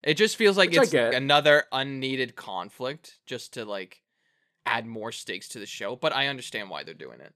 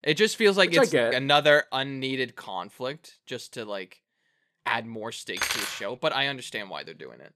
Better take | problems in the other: first | clattering dishes; noticeable; at 5.5 s; peak 2 dB below the speech

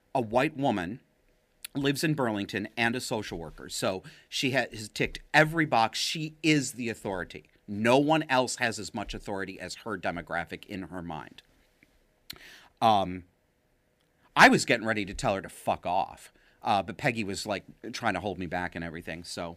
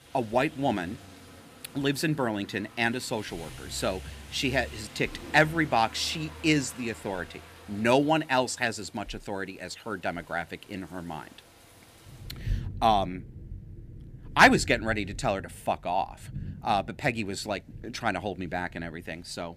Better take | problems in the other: first | rain or running water; noticeable; throughout; 15 dB below the speech

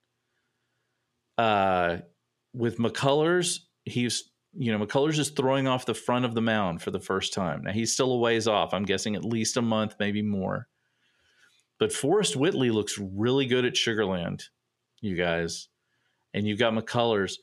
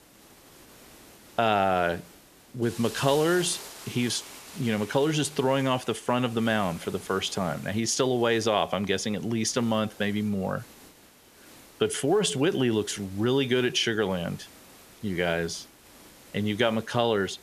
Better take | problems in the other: first | hiss; noticeable; throughout; 20 dB below the speech

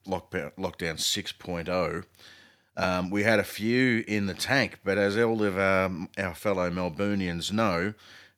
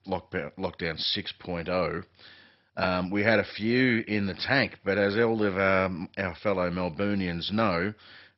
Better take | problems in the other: first | garbled, watery; badly; nothing above 5.5 kHz

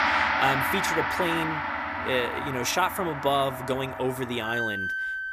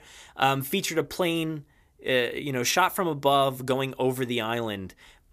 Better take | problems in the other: second | background music; loud; throughout; as loud as the speech

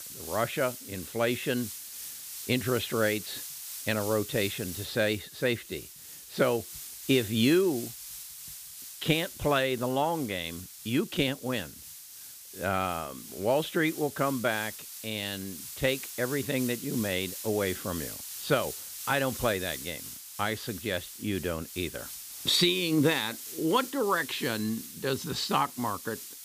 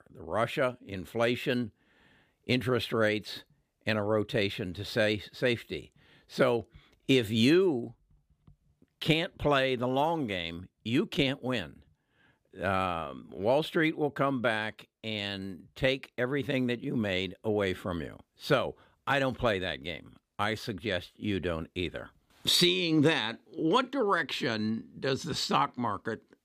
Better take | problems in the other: second | hiss; loud; throughout; 10 dB below the speech

